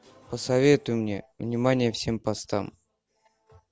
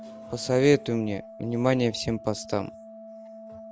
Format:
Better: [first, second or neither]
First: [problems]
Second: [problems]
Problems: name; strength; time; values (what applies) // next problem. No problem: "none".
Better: first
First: none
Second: background sound (Organ); 17 dB below the speech